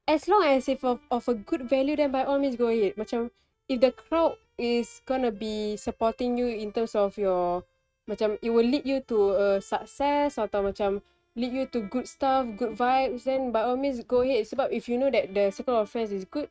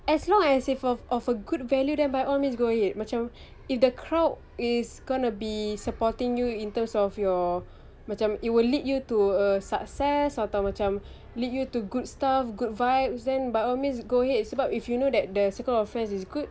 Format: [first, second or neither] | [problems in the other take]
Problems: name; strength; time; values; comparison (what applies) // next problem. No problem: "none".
second | noise reduction (neural mask model RNNoise)